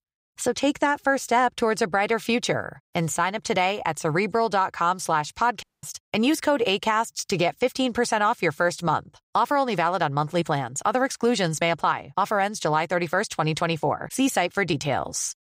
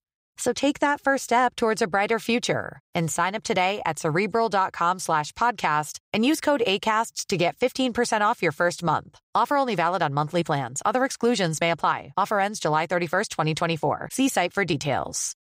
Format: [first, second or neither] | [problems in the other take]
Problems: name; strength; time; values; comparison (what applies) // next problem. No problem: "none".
second | audio cutting out; at 5.5 s